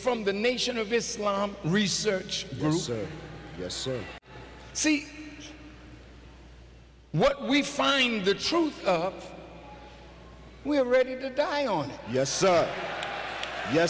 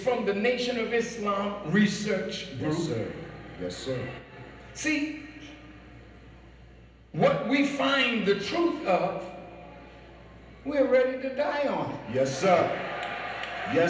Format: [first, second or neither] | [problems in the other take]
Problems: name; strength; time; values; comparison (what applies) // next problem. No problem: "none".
first | room echo; dies away in 0.8 s